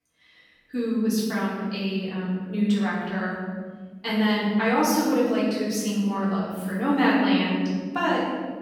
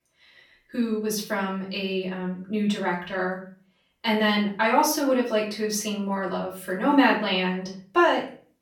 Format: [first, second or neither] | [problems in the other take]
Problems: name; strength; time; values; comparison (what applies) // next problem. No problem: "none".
second | room echo; strong; dies away in 1.8 s; slight in the second // off-mic speech; far; far in the second